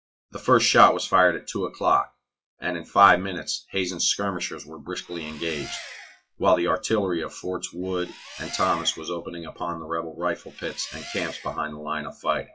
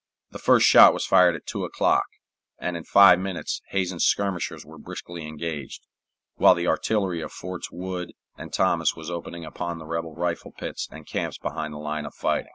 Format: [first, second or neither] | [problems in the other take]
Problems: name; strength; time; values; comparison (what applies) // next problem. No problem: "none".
second | noise reduction (classical method WPE with log-MMSE)